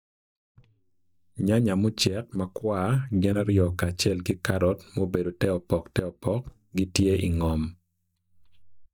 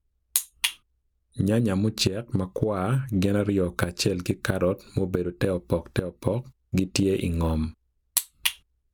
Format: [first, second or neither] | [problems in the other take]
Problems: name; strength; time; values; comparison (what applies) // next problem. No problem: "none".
second | noise reduction (neural mask model DeepFilterNet 3)